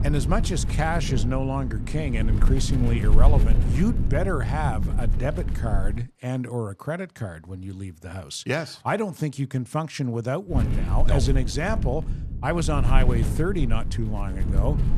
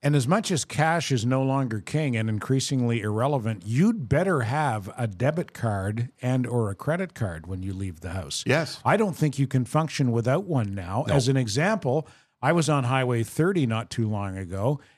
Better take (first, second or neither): second